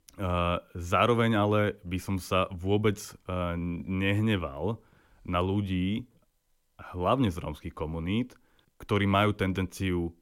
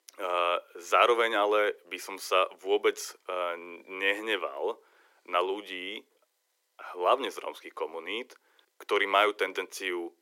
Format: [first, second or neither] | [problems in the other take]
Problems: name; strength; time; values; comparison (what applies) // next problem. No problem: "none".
first | thin; very; fading below 400 Hz